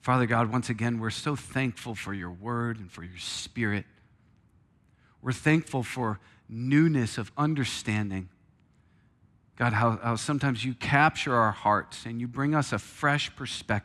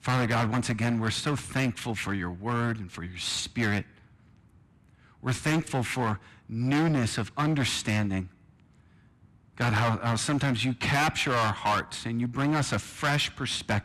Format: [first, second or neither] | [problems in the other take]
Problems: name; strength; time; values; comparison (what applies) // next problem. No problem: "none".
first | distortion; heavy; 12% of the sound clipped